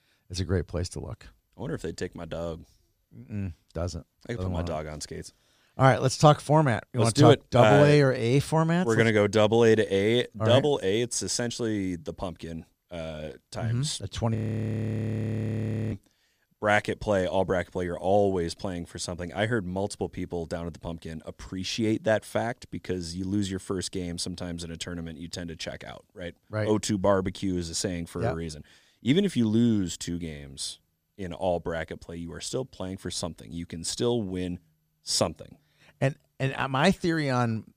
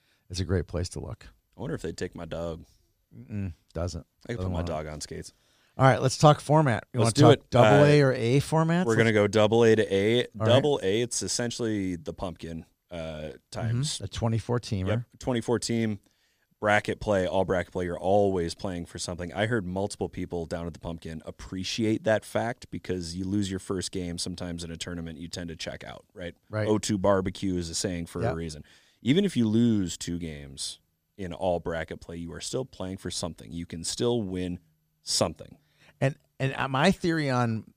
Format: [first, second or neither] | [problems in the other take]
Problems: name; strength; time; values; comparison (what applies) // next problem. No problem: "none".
second | audio freezing; at 14 s for 1.5 s